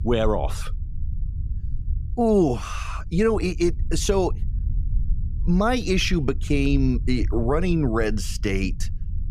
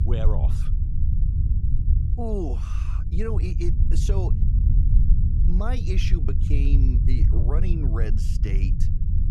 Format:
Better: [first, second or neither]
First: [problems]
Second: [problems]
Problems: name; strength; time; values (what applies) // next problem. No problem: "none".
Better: first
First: low rumble; faint; throughout; 25 dB below the speech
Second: low rumble; loud; throughout; 4 dB below the speech